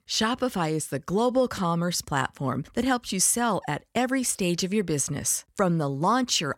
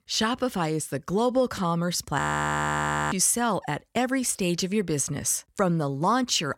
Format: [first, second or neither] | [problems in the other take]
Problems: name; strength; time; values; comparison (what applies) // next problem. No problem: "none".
first | audio freezing; at 2 s for 1 s